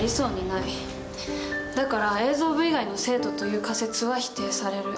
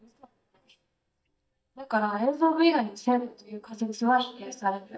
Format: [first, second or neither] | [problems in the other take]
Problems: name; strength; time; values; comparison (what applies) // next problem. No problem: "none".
first | noise reduction (neural mask model DeepFilterNet 3)